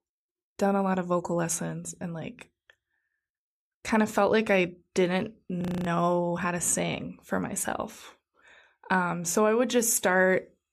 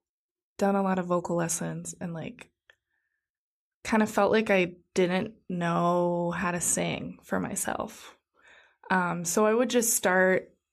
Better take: second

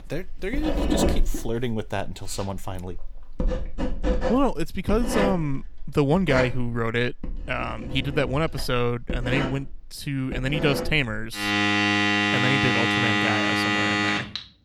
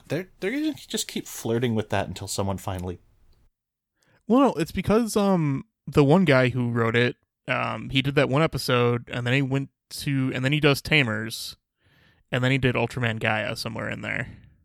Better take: second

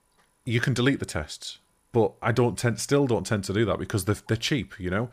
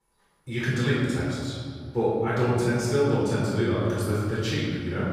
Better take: first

